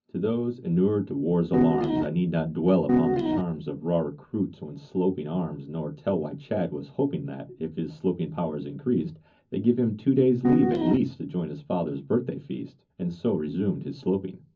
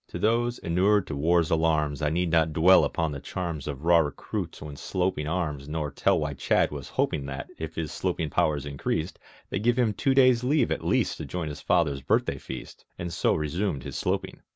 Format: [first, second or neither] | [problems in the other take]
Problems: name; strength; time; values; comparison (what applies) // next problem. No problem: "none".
second | background sound (Piano); 4 dB above the speech // room echo; dies away in 0.4 s